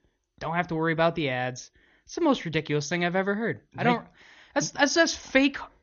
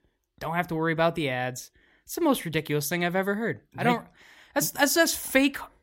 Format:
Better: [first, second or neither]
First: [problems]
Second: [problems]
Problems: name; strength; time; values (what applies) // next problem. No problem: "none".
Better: second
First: garbled, watery; slightly; nothing above 6.5 kHz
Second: none